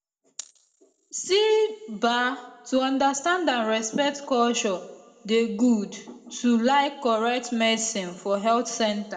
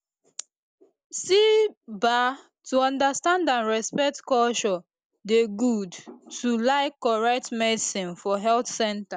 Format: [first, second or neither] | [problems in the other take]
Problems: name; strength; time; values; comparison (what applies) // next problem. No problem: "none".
second | room echo; dies away in 1 s